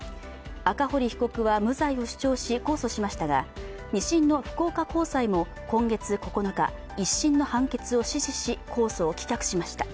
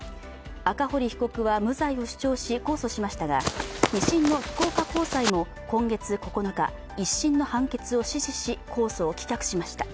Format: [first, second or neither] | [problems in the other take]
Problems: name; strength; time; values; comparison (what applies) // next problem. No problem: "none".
first | background sound (Run); 2 dB below the speech